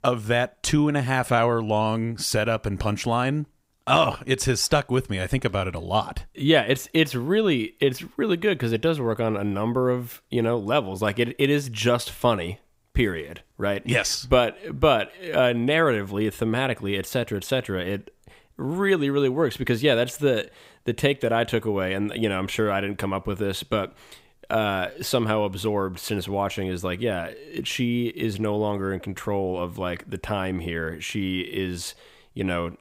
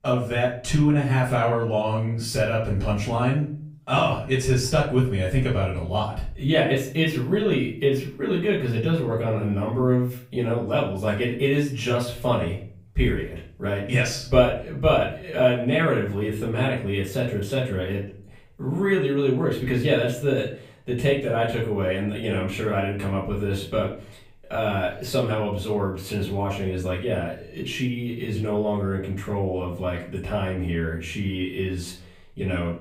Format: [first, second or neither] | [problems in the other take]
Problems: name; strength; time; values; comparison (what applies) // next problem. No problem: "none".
first | off-mic speech; far // room echo; noticeable; dies away in 0.5 s